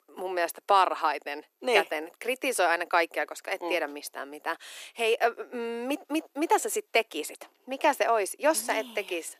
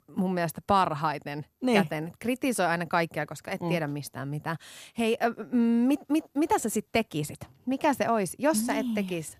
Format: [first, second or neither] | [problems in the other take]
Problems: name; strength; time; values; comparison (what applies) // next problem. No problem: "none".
second | thin; very; fading below 350 Hz